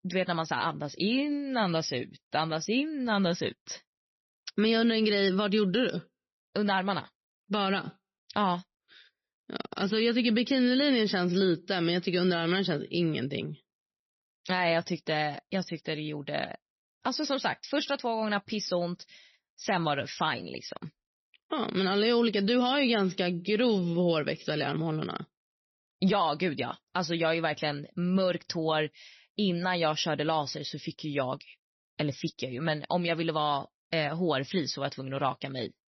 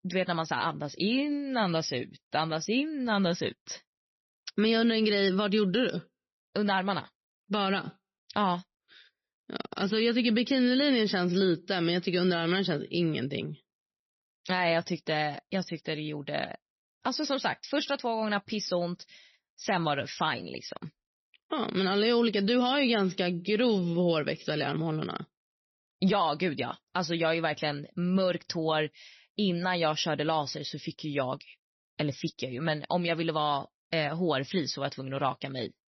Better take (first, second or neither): neither